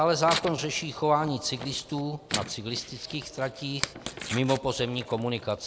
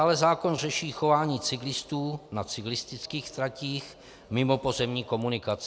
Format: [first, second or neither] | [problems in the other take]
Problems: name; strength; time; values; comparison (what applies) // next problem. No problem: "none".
second | background sound (Tearing); 10 dB below the speech